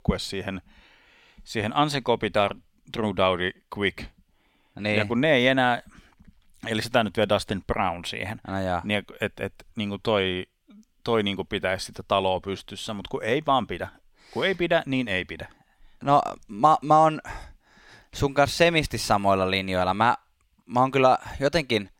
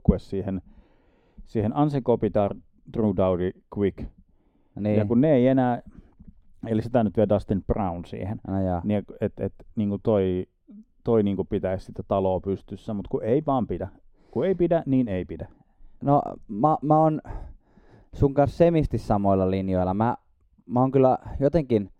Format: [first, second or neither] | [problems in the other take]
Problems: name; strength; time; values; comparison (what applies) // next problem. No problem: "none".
first | muffled; very; fading above 1 kHz